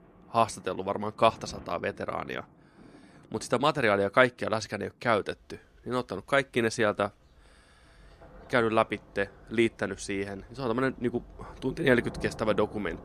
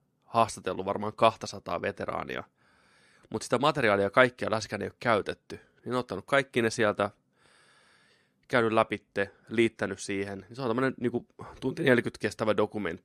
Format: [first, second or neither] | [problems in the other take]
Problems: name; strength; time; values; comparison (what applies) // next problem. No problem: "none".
second | rain or running water; faint; throughout; 20 dB below the speech